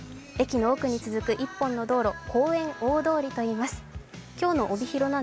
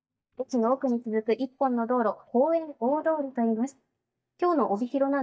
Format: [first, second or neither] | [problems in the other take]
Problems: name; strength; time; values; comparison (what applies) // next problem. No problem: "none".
first | noise reduction (neural mask model DeepFilterNet 3)